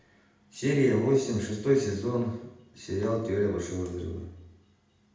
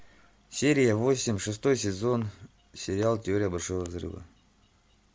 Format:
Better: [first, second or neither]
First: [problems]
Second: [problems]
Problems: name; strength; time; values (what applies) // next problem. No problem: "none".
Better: second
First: room echo; dies away in 0.8 s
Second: none